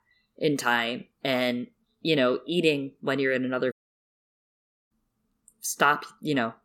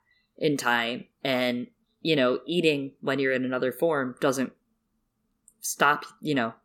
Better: second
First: audio cutting out; at 3.5 s for 1 s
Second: none

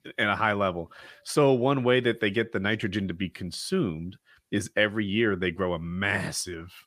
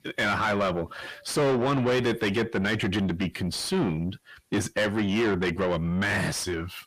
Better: first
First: none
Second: distortion; heavy; 5 dB below the speech

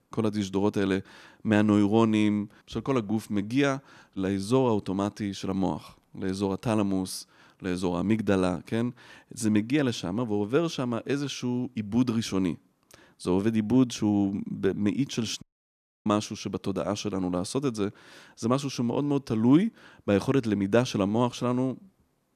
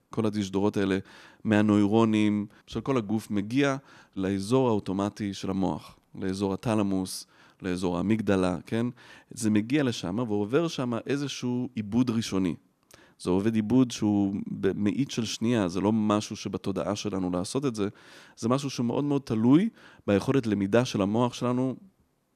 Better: second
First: audio cutting out; at 15 s for 0.5 s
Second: none

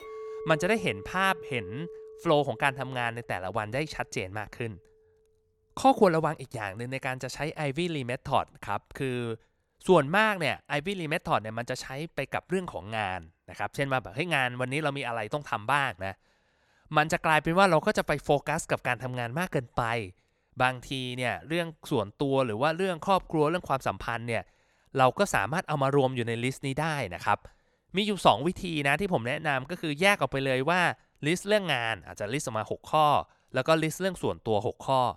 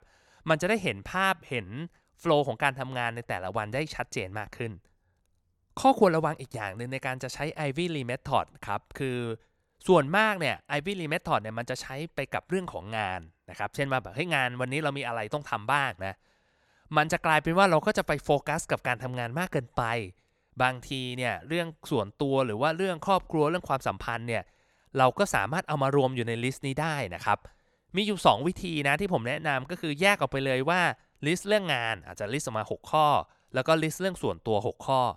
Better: second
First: clattering dishes; noticeable; until 4 s; peak 10 dB below the speech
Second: none

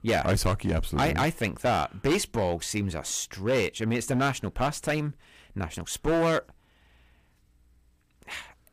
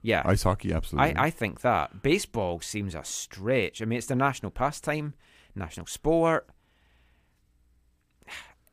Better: second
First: distortion; heavy; 7% of the sound clipped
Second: none

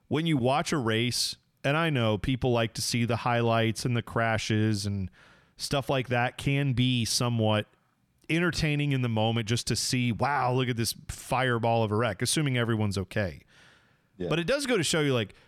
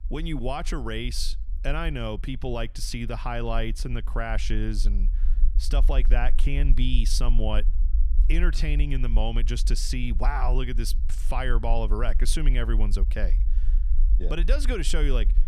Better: first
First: none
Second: low rumble; noticeable; throughout; 20 dB below the speech

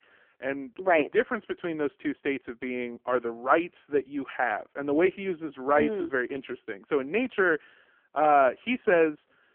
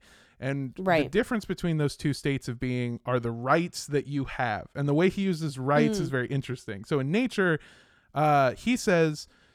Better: second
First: phone-call audio; poor line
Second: none

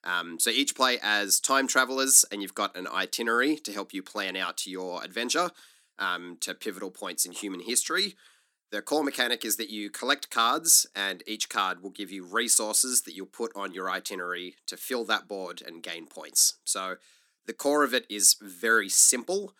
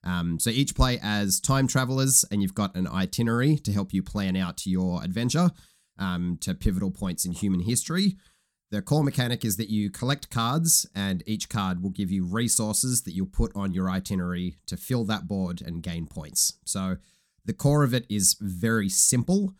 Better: second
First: thin; very; fading below 300 Hz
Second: none

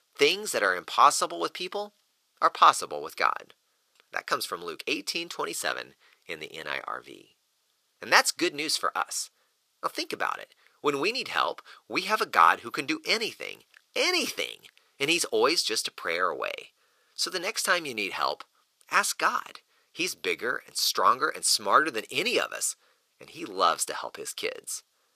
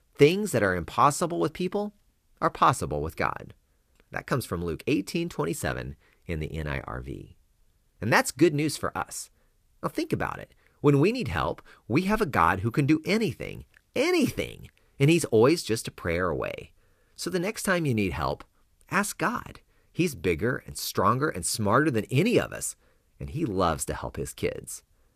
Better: second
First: thin; very; fading below 550 Hz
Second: none

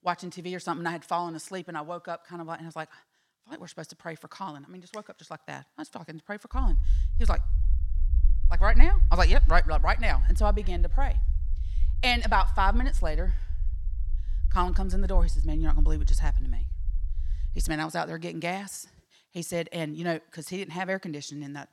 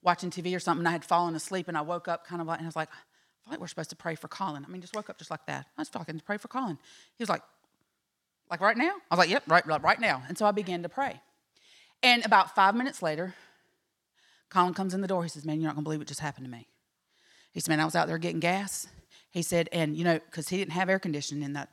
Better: second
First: low rumble; faint; from 6.5 to 18 s; 20 dB below the speech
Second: none

